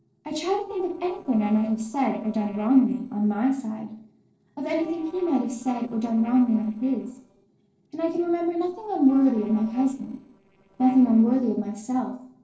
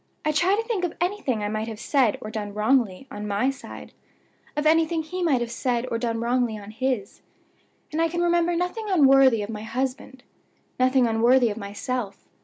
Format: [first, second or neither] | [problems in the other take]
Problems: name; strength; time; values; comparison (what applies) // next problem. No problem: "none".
second | noise reduction (neural separator model SepFormer DNS4)